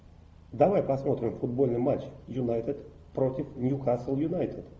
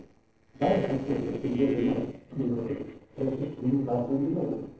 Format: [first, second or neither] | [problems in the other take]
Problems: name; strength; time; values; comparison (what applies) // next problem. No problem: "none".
first | noise reduction (neural separator model SepFormer DNS4)